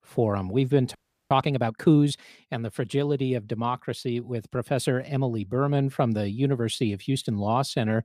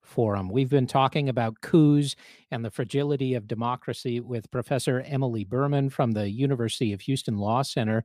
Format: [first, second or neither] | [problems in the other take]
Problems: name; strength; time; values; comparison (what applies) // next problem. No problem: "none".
second | audio freezing; at 1 s